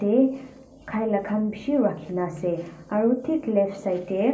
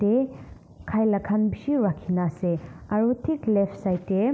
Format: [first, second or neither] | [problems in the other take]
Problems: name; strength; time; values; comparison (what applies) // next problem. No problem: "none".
second | room echo; dies away in 0.3 s